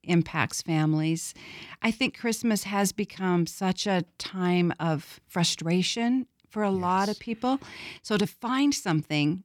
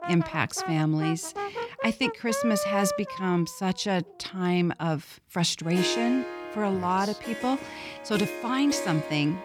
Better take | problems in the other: first | background music; loud; throughout; 7 dB below the speech

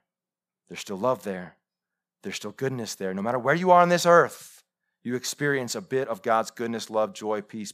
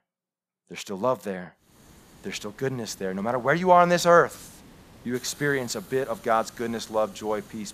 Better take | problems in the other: first | hiss; faint; from 1.5 s on; 25 dB below the speech

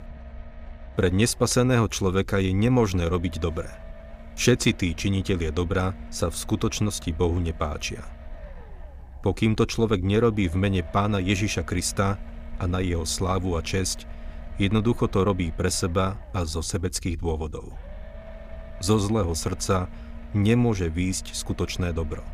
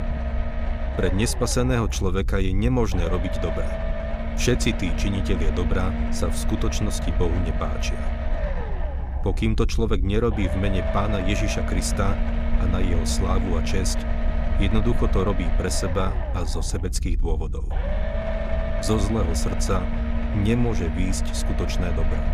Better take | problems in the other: first | low rumble; loud; throughout; 4 dB below the speech; faint in the first

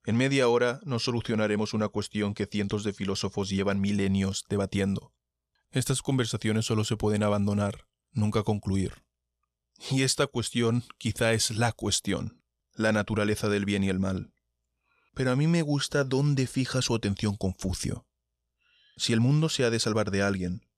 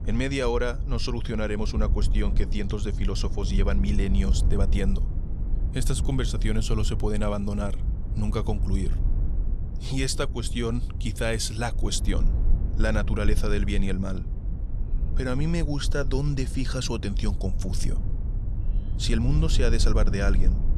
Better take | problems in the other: first | low rumble; noticeable; throughout; 15 dB below the speech

